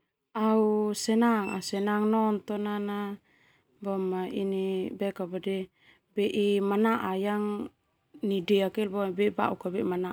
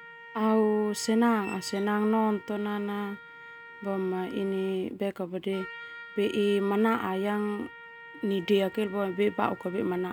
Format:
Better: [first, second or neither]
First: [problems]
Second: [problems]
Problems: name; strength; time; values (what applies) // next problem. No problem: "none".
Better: first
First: none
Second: background sound (Trumpet); 17 dB below the speech